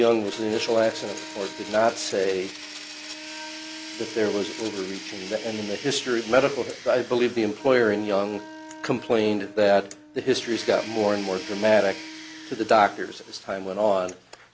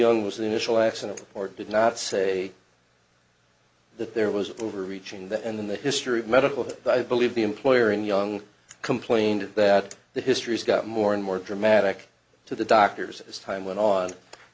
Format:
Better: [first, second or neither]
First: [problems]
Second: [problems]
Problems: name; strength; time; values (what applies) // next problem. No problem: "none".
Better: second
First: background sound (Domestic sounds, home sounds + Wind instrument, woodwind instrument); 14 dB below the speech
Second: none